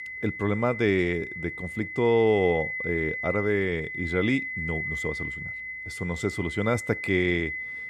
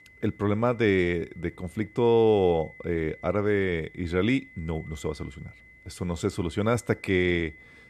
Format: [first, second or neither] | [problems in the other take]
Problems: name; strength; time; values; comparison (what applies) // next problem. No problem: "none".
second | high-pitched whine; loud; throughout; 2 kHz, 5 dB below the speech; faint in the second